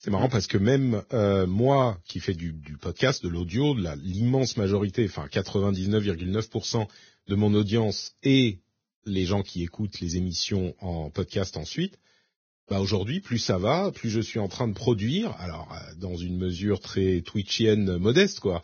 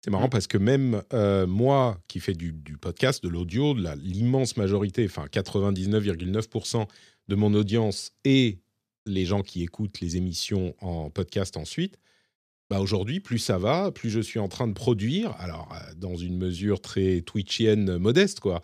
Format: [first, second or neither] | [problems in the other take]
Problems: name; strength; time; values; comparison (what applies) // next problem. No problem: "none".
second | garbled, watery; badly; nothing above 6.5 kHz